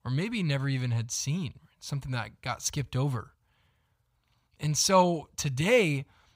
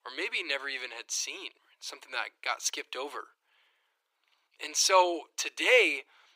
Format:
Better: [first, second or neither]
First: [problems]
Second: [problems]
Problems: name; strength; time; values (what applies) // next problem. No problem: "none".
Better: first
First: none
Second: thin; very; fading below 300 Hz